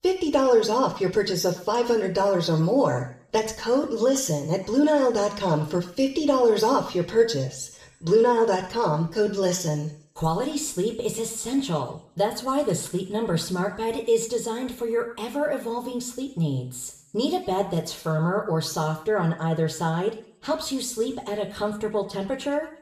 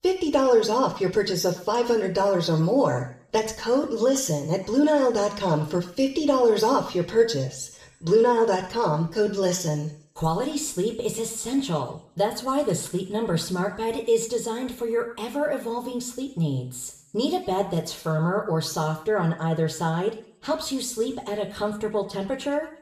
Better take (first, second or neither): neither